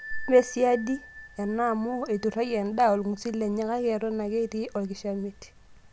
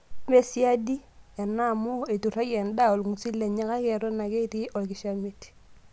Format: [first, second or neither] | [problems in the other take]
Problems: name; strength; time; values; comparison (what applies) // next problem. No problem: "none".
second | background sound (Bell); 20 dB below the speech